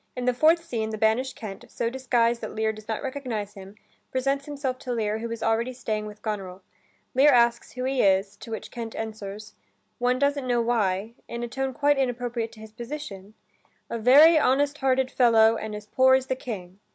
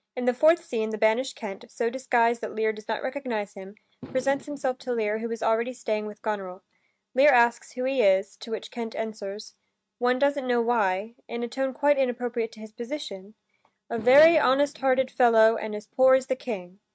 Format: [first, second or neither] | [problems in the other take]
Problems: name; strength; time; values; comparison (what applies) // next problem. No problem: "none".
first | noise reduction (neural mask model RNNoise)